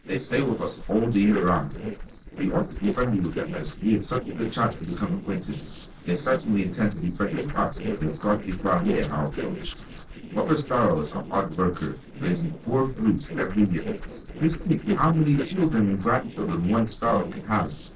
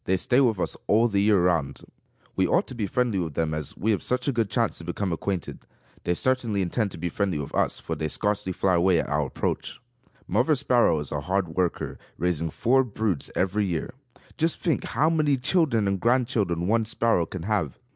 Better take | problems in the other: second | noise reduction (neural separator model SepFormer DNS4)

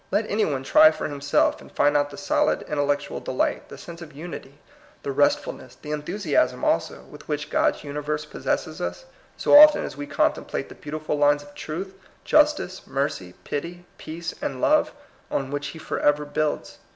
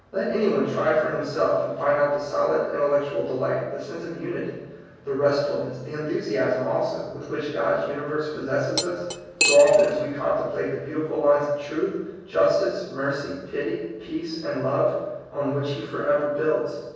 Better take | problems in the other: first | background sound (Cutlery, silverware); 4 dB below the speech // room echo; dies away in 1.3 s

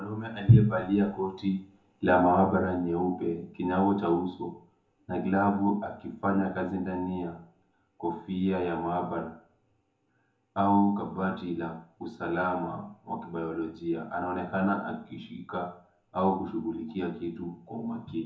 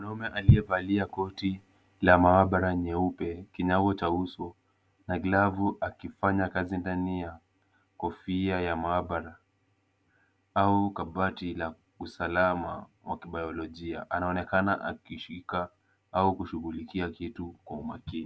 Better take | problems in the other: second | room echo; dies away in 0.5 s

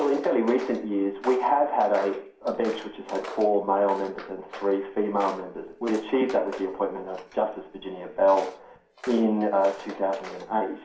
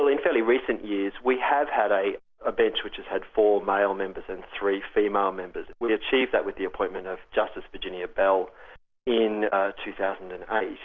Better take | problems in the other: second | background sound (Walk, footsteps); 17 dB below the speech // room echo; dies away in 0.5 s

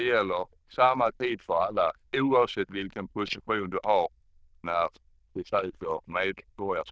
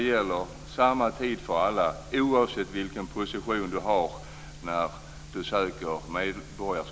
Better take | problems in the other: second | noise reduction (neural diffusion model UNIVERSE++)

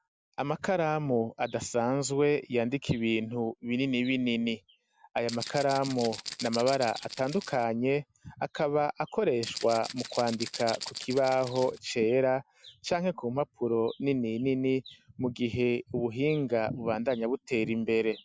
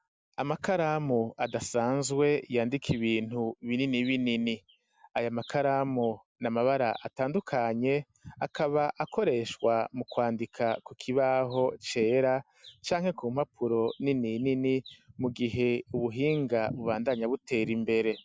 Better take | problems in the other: second | background sound (Rattle (instrument)); 11 dB below the speech

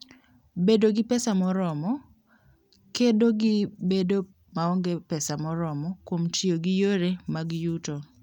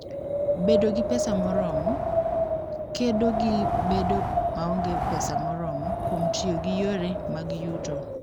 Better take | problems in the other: first | background sound (Wind); 2 dB above the speech

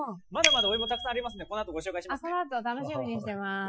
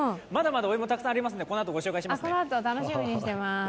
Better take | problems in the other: second | noise reduction (classical method Wiener filter)

